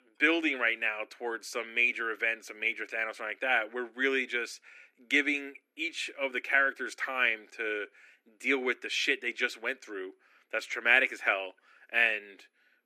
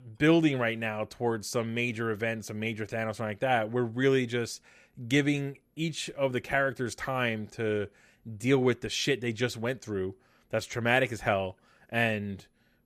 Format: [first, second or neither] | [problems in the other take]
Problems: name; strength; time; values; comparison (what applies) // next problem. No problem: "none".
second | thin; somewhat; fading below 250 Hz